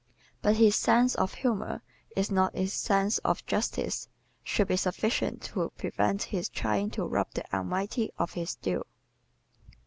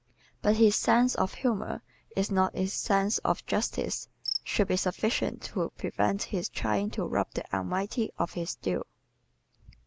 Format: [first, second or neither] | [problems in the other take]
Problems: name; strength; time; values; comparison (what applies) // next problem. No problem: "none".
first | noise reduction (neural mask model Resemble Enhance denoiser)